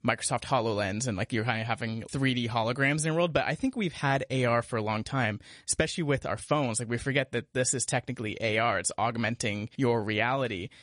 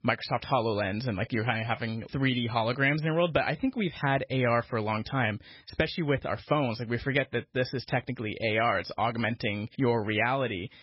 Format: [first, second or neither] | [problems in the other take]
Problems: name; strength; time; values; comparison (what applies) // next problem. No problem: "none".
first | garbled, watery; badly; nothing above 5.5 kHz; slightly in the first